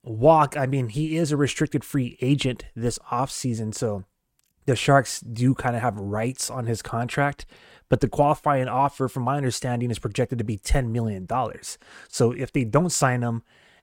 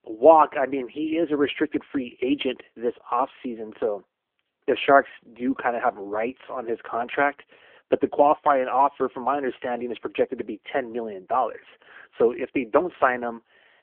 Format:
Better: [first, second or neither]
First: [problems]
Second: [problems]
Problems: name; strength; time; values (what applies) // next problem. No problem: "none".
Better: first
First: none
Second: phone-call audio; poor line; nothing above 3.5 kHz